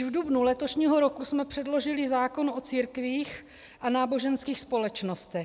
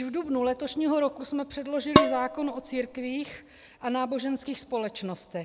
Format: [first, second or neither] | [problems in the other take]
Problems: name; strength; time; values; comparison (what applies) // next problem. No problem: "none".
first | background sound (Dishes, pots, and pans); 4 dB above the speech